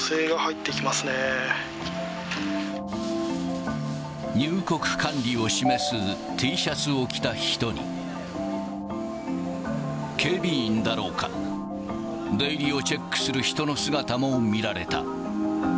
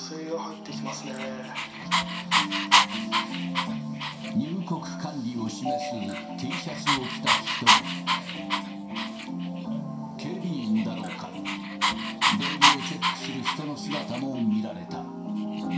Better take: first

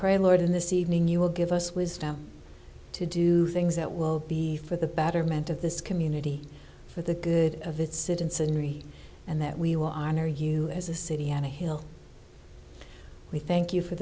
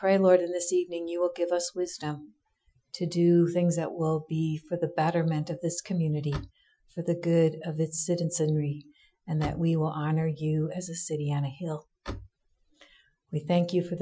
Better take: first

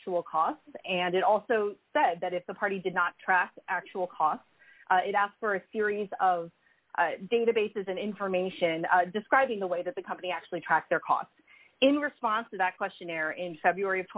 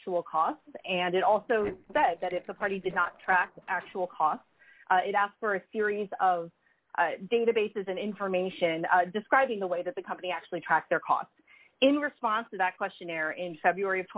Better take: first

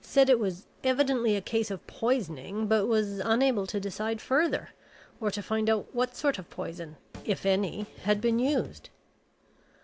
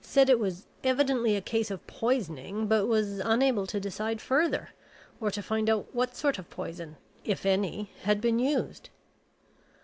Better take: second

